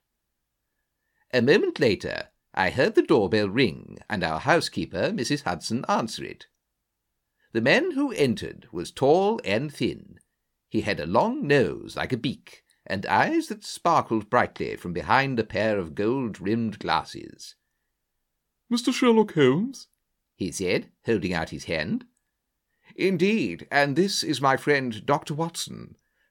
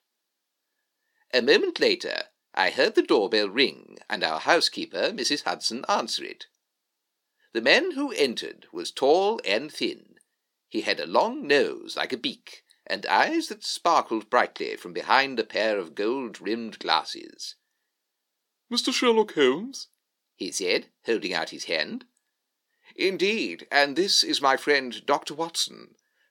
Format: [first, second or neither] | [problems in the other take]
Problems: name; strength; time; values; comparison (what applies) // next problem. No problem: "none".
first | thin; very slightly; fading below 300 Hz